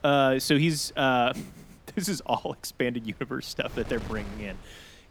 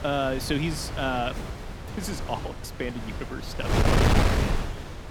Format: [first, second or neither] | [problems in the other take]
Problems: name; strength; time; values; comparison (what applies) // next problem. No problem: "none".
first | wind noise on the microphone; heavy; as loud as the speech; occasional gusts in the first